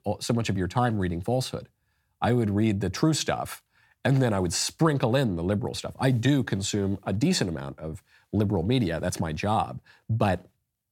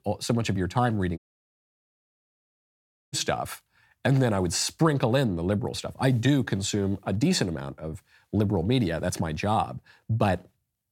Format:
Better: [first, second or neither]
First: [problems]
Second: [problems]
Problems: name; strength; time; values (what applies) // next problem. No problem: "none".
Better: first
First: none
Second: audio cutting out; at 1 s for 2 s